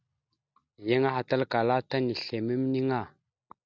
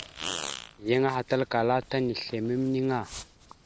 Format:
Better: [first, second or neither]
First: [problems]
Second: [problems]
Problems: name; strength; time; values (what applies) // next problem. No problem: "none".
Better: first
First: none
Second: background sound (Fart); 13 dB below the speech